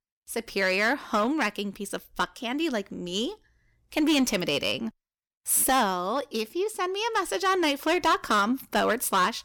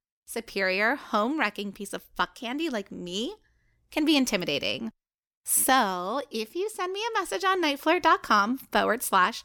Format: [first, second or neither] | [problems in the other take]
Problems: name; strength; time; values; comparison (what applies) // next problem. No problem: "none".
second | distortion; slight; 5% of the sound clipped